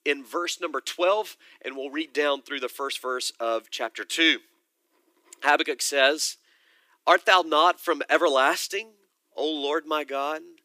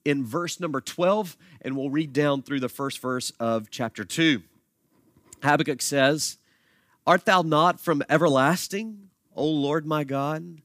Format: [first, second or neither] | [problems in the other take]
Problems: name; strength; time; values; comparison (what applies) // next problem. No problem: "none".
second | thin; somewhat; fading below 350 Hz